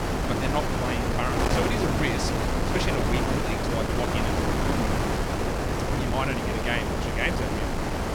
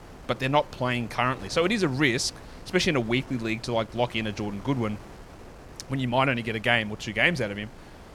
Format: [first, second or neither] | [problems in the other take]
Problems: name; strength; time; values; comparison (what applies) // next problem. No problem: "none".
second | wind noise on the microphone; heavy; 3 dB above the speech; occasional gusts in the second